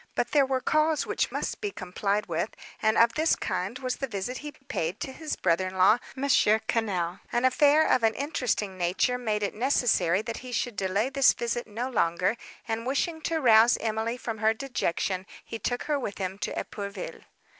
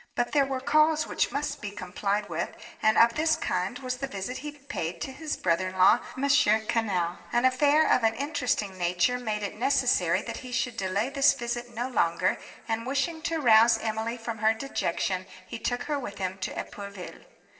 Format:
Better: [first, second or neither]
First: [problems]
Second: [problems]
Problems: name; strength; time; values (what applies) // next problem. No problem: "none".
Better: first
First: none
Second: noise reduction (neural separator model SepFormer DNS4)